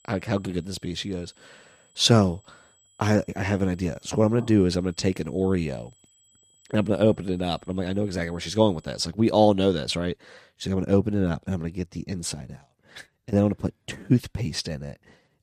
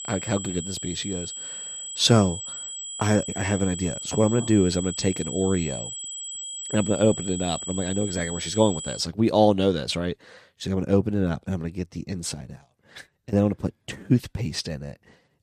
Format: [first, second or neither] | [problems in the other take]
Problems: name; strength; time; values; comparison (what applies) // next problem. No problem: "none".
first | high-pitched whine; loud; until 9 s; 8 kHz, 8 dB below the speech; faint in the first